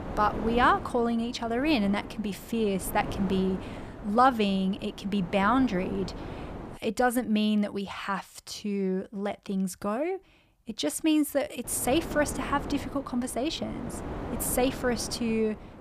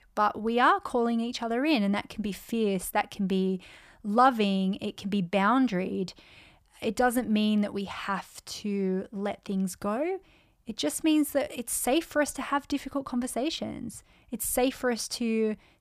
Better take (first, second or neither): second